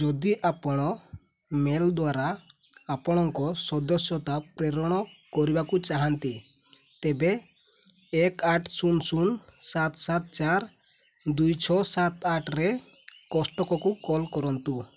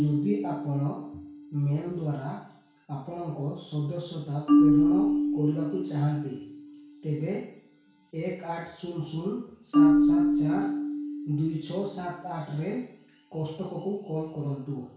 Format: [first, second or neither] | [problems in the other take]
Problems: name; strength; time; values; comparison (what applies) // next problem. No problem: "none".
first | background sound (Marimba, xylophone); 3 dB above the speech // room echo; dies away in 0.6 s